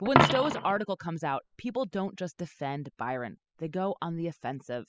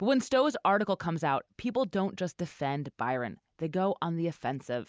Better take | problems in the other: second | noise reduction (classical method spectral subtraction)

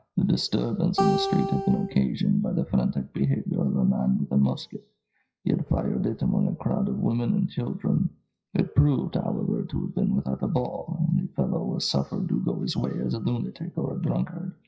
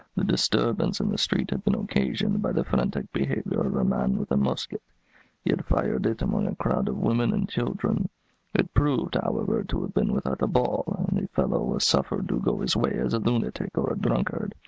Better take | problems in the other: second | noise reduction (classical method WPE with log-MMSE)

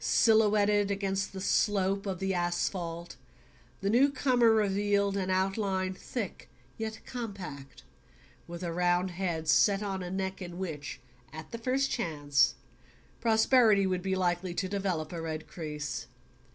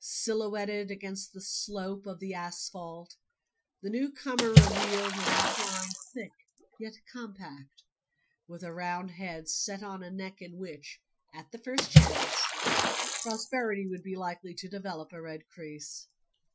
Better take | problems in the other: first | noise reduction (classical method Wiener filter)

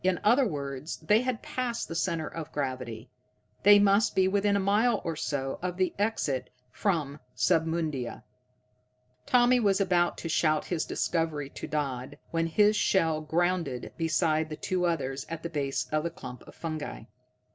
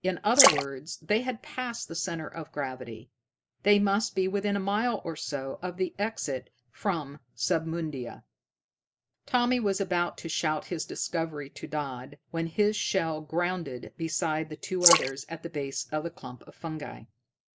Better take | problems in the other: first | noise reduction (neural mask model Resemble Enhance denoiser)

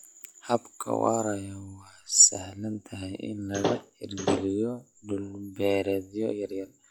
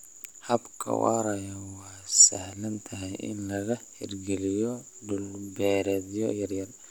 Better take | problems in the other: second | noise reduction (classical method log-MMSE)

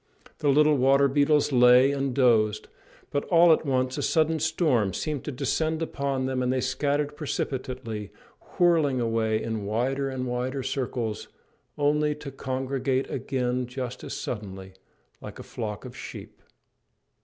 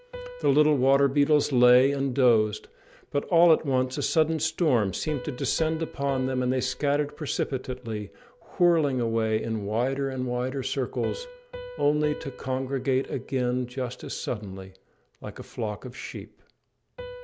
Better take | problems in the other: first | background sound (Piano); 19 dB below the speech

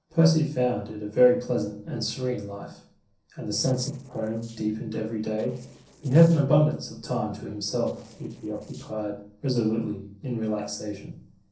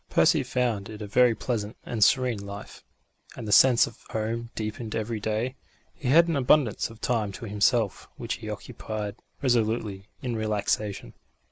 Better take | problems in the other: second | noise reduction (neural separator model SepFormer DNS4)

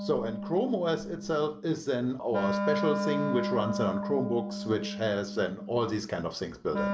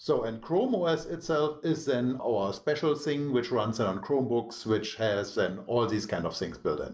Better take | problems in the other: second | background sound (Wind instrument, woodwind instrument); 4 dB below the speech

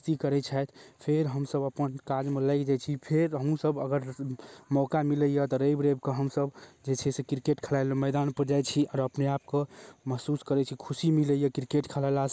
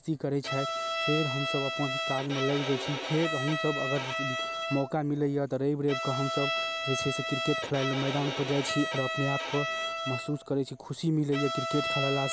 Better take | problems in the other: first | background sound (Bowed string instrument); 3 dB below the speech

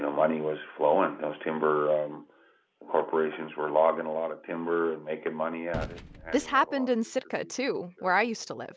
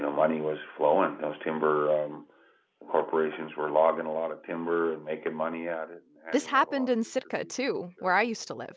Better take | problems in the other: second | background sound (Gunshot, gunfire); 16 dB below the speech

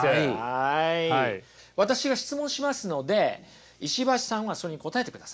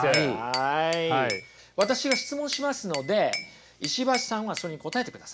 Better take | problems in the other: first | background sound (Glass / Bell); 10 dB below the speech

